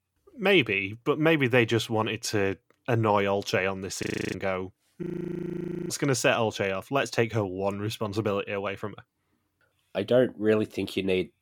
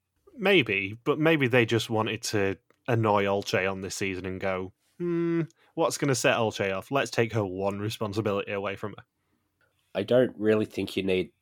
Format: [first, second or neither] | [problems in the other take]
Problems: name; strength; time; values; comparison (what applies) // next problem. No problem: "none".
second | audio freezing; at 4 s and at 5 s for 1 s